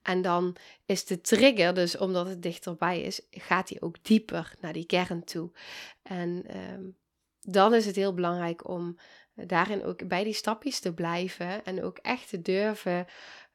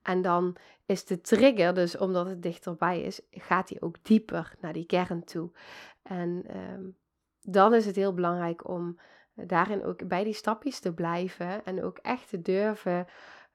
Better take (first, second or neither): first